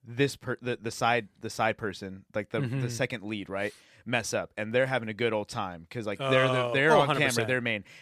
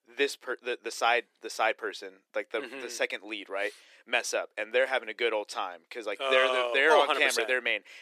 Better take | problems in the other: first | thin; very; fading below 350 Hz

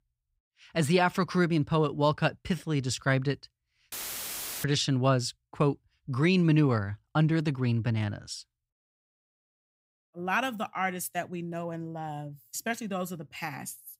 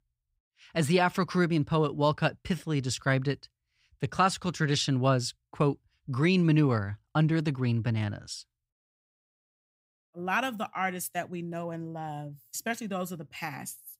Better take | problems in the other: second | audio cutting out; filled with static; at 4 s for 0.5 s

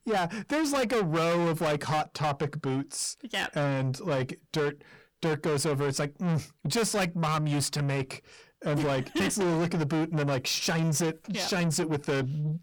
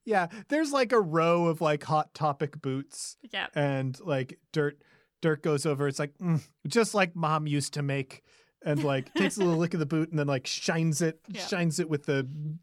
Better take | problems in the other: second | distortion; heavy; 6 dB below the speech

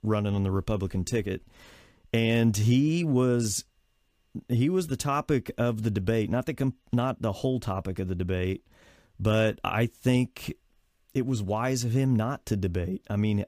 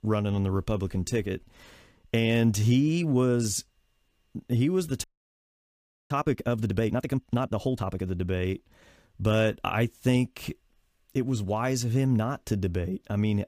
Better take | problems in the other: first | audio freezing; at 5 s for 1 s

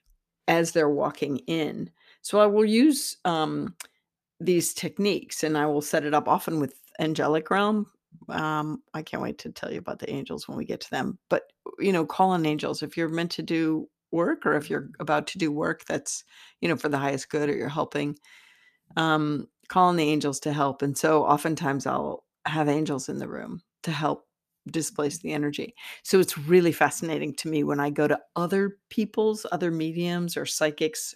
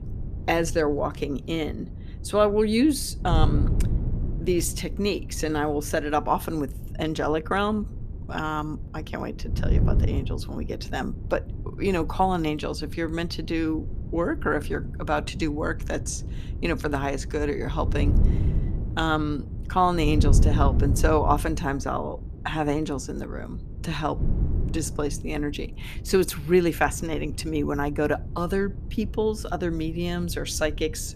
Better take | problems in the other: first | wind noise on the microphone; occasional gusts; 15 dB below the speech

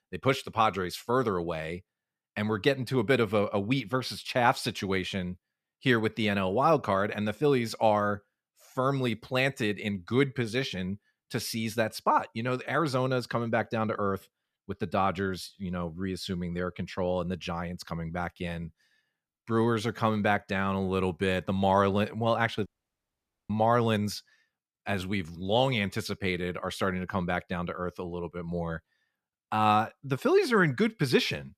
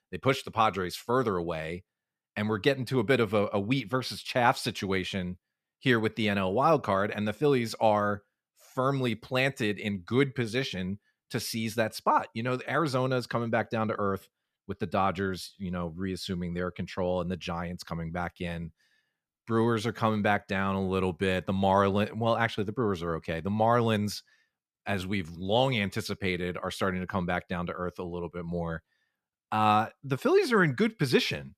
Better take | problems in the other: second | audio cutting out; at 23 s for 1 s

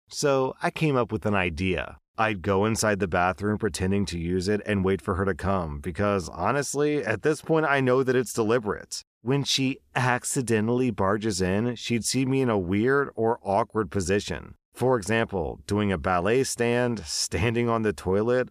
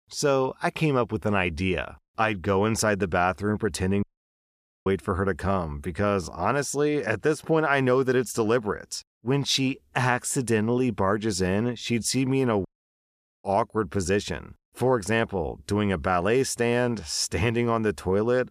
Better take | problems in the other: first | audio cutting out; at 4 s for 1 s and at 13 s for 1 s

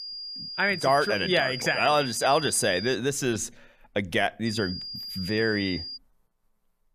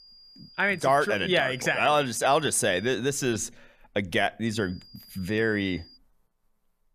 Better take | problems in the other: second | high-pitched whine; loud; until 3 s and from 4.5 to 6 s; 5 kHz, 9 dB below the speech; faint in the second

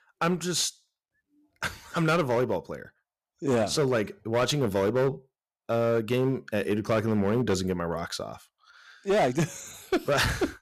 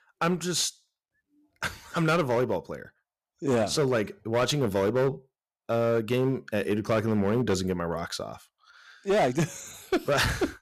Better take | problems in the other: neither | distortion; slight; 8% of the sound clipped; the same in both

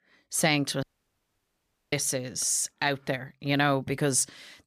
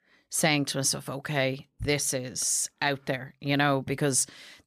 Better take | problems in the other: second | audio cutting out; at 1 s for 1 s

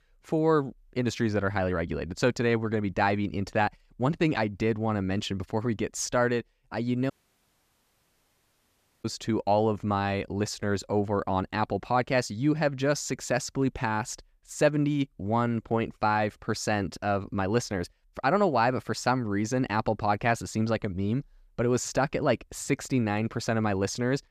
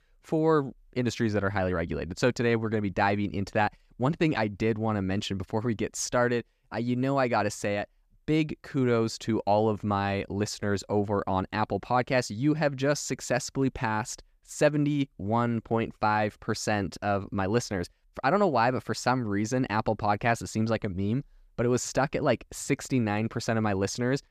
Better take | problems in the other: second | audio cutting out; at 7 s for 2 s

